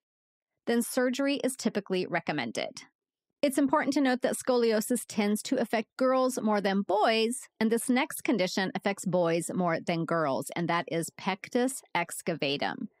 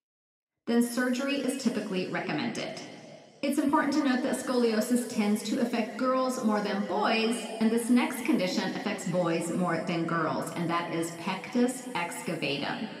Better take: first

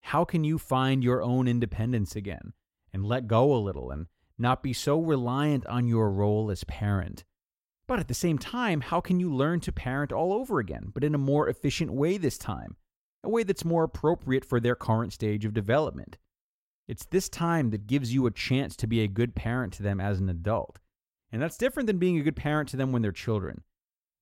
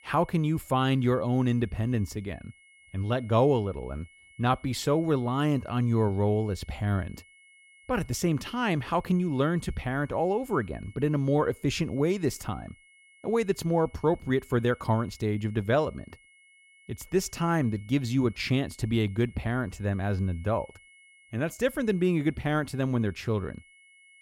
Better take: first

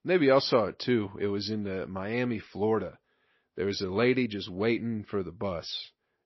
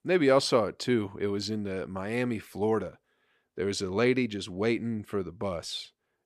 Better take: second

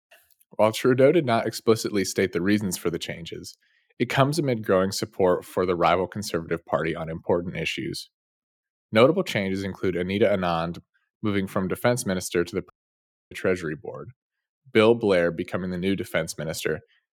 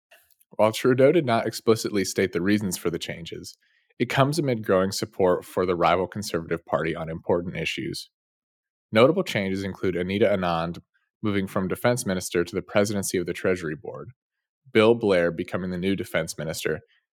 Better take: second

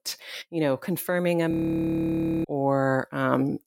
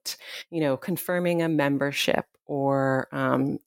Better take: second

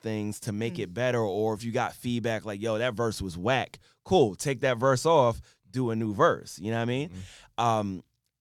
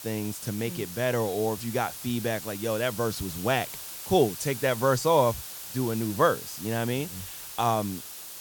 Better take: first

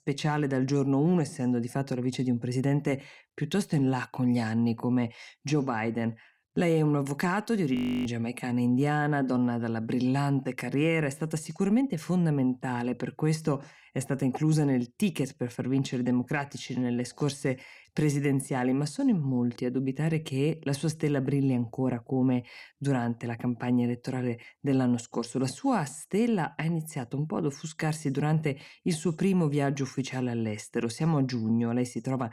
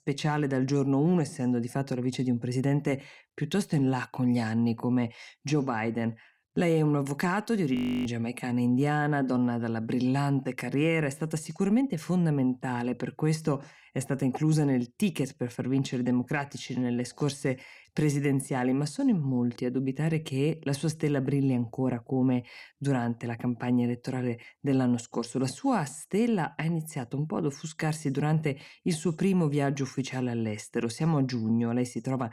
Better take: neither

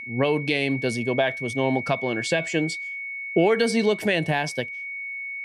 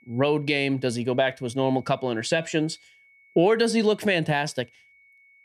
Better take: second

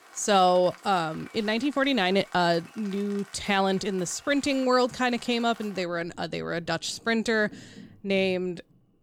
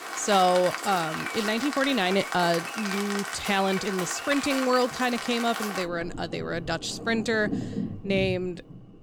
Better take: first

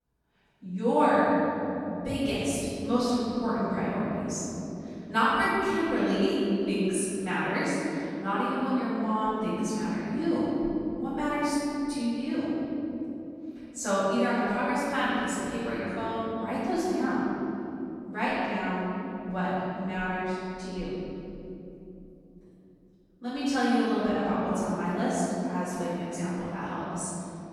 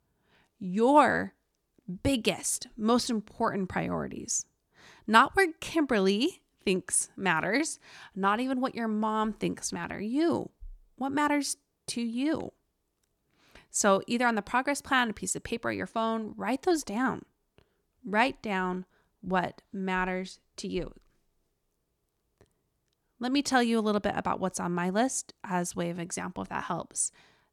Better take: second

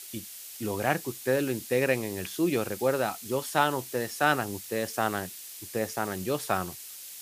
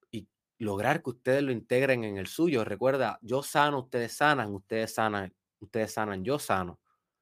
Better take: second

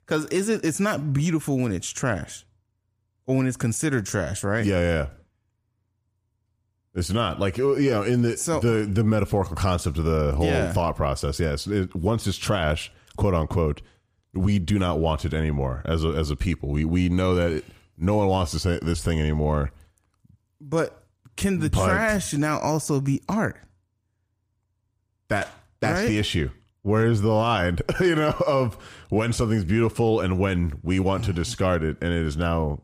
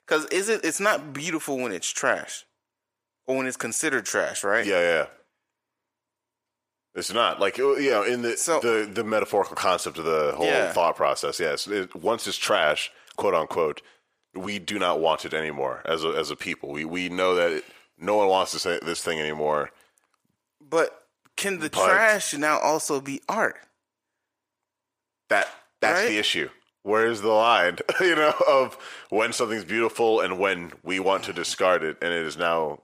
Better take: first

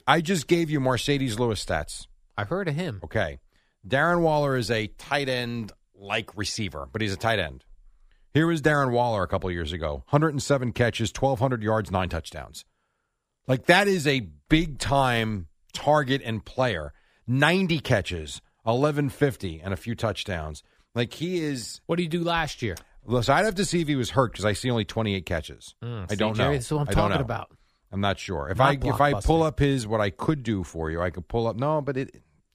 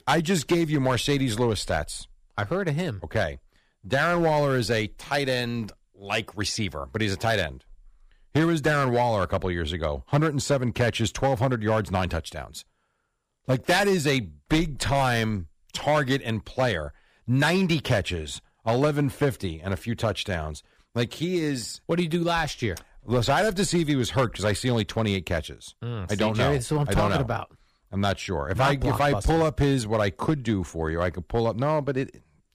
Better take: first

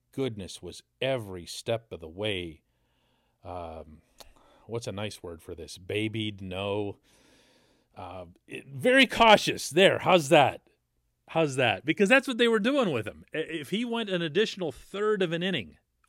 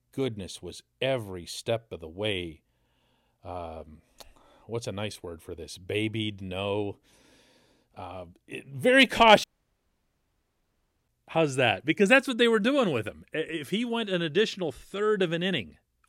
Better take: first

